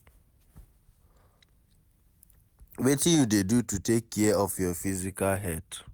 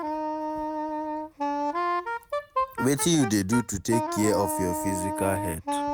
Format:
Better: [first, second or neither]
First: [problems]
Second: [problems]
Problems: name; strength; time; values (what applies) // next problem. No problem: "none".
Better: first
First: none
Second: background sound (Wind instrument, woodwind instrument); 1 dB below the speech